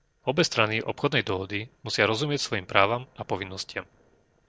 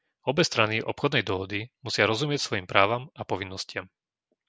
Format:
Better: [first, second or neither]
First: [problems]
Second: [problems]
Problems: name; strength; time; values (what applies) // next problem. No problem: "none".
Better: second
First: noise reduction (neural separator model SepFormer DNS4)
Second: none